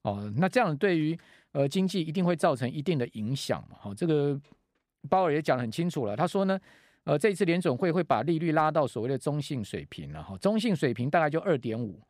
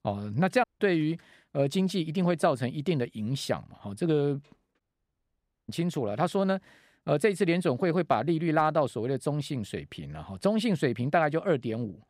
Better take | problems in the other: first | audio cutting out; at 0.5 s and at 5 s for 1 s

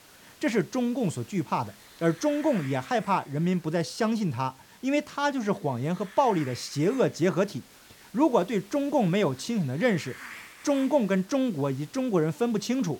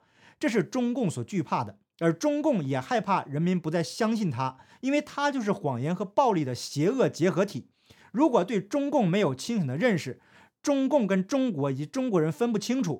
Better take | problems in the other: second | hiss; faint; throughout; 20 dB below the speech

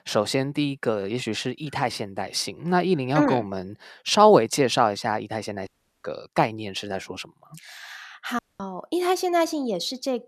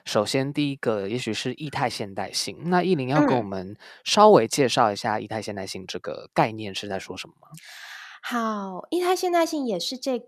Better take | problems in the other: second | audio cutting out; at 5.5 s and at 8.5 s

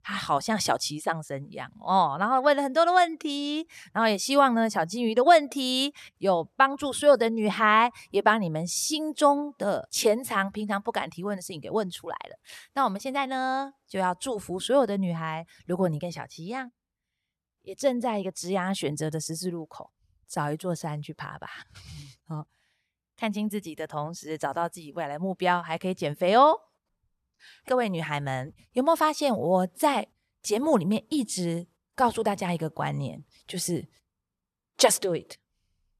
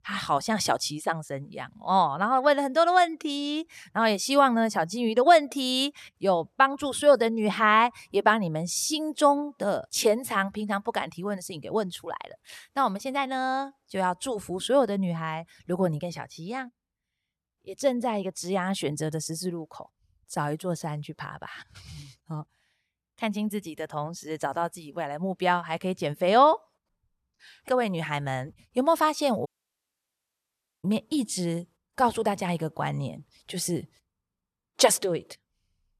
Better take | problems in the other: first | audio cutting out; at 29 s for 1.5 s

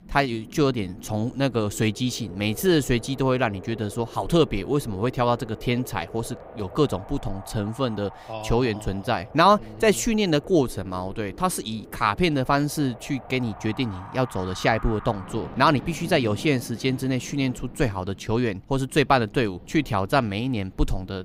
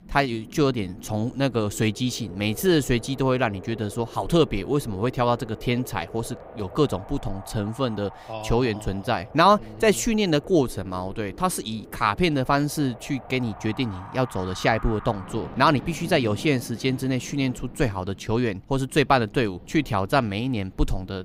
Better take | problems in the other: neither | wind in the background; noticeable; throughout; 20 dB below the speech; the same in both

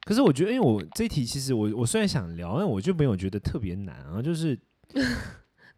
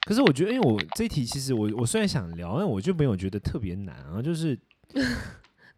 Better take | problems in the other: first | household noises; loud; throughout; 9 dB below the speech; faint in the first

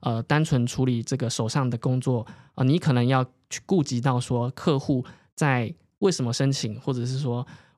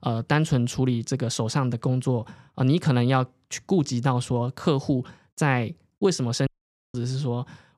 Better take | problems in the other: first | audio cutting out; at 6.5 s

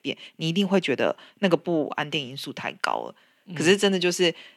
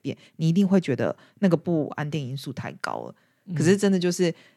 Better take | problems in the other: second | thin; somewhat; fading below 250 Hz

